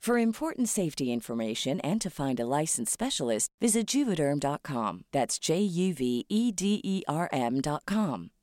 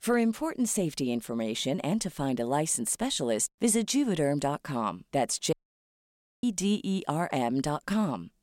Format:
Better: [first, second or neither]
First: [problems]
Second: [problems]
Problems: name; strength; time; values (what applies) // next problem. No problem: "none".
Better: first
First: none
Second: audio cutting out; at 5.5 s for 1 s